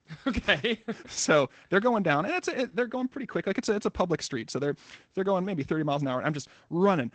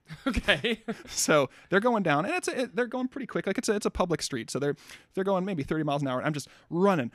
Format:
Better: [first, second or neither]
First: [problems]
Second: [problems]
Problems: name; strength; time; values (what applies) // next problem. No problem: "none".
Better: second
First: garbled, watery; slightly; nothing above 7.5 kHz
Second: none